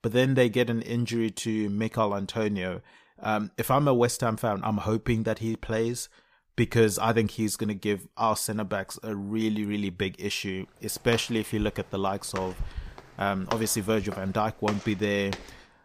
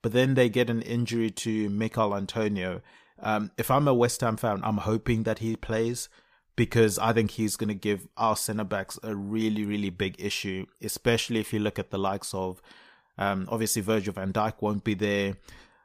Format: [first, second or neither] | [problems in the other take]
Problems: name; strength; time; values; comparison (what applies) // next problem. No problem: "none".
second | footsteps; noticeable; from 11 to 15 s; peak 8 dB below the speech